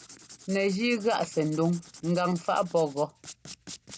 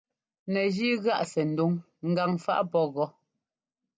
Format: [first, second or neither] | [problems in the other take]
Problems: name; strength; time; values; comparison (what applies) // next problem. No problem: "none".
second | background sound (Writing); 19 dB below the speech